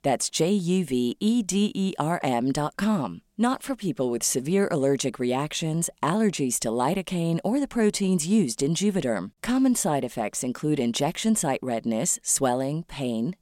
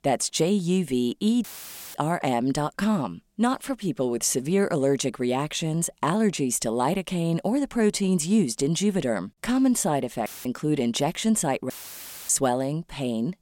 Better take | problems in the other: first | audio cutting out; filled with static; at 1.5 s for 0.5 s, at 10 s and at 12 s for 0.5 s

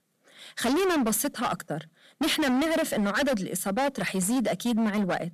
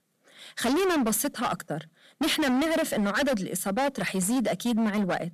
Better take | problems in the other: neither | distortion; heavy; 23% of the sound clipped; the same in both

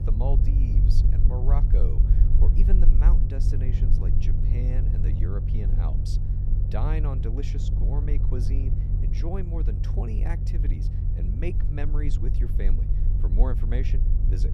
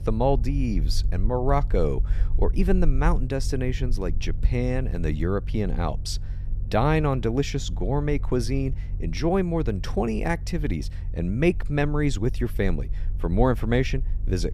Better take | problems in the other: second | low rumble; loud; throughout; 2 dB below the speech; faint in the second

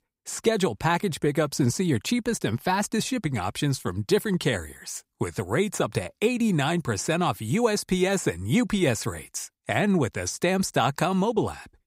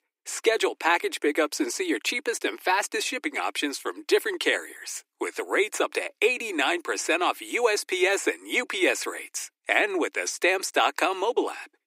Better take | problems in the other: first | thin; very; fading below 300 Hz

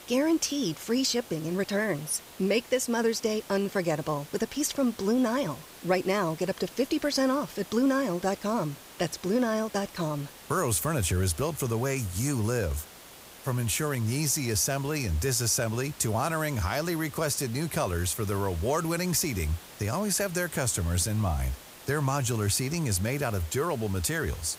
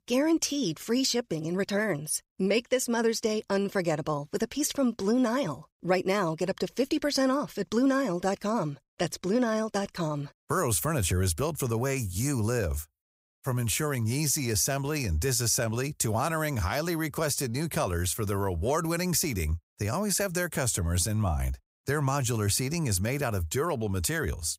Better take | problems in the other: second | hiss; noticeable; throughout; 20 dB below the speech

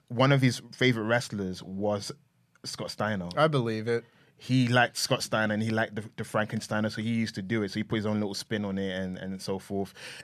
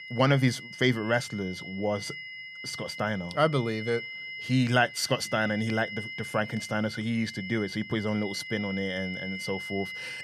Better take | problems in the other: first | high-pitched whine; loud; throughout; 2 kHz, 9 dB below the speech

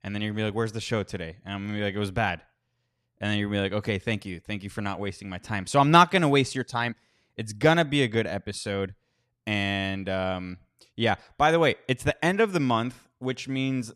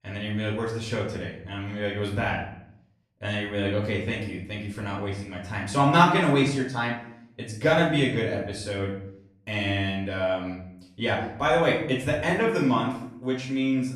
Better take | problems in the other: first | off-mic speech; far // room echo; noticeable; dies away in 0.6 s

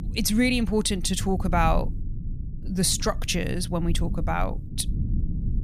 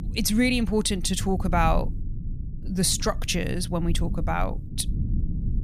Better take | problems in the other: neither | low rumble; noticeable; throughout; 20 dB below the speech; the same in both

